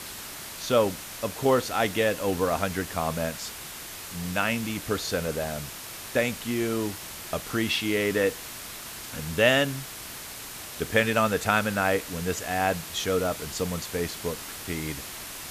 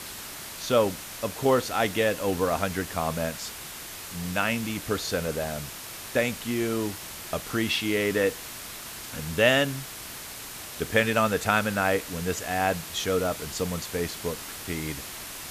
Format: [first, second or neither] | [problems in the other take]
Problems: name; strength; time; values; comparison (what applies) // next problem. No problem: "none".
neither | hiss; loud; throughout; 10 dB below the speech; the same in both